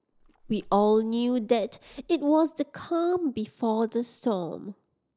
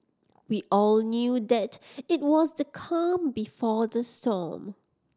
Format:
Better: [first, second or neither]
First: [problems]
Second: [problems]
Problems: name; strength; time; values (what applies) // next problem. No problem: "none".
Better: second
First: noise reduction (neural mask model Resemble Enhance denoiser)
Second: none